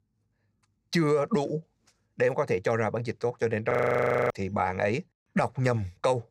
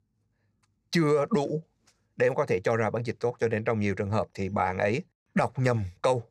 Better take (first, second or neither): second